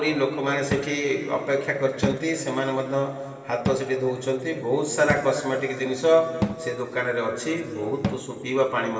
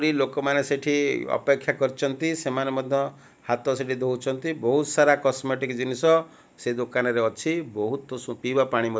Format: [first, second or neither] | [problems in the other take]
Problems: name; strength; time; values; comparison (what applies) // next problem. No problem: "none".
second | background sound (Cupboard open or close / Drawer open or close); 10 dB below the speech // room echo; dies away in 2.5 s